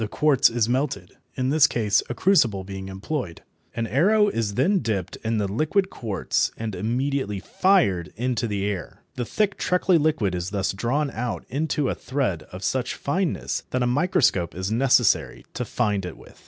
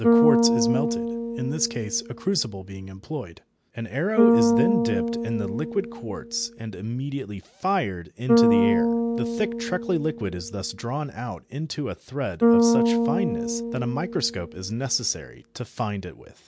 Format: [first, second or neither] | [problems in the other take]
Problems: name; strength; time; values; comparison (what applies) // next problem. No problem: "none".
first | background sound (Bass guitar); 4 dB above the speech